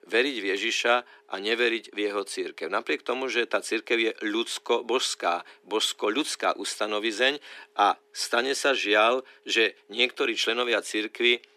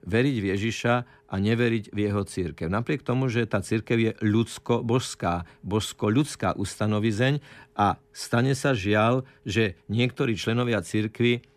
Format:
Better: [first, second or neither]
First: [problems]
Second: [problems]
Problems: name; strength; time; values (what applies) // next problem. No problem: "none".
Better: second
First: thin; very; fading below 350 Hz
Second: none